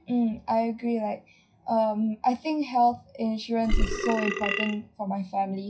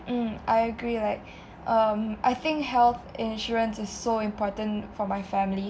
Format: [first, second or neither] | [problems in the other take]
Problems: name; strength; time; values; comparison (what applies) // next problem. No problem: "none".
second | noise reduction (classical method WPE with log-MMSE)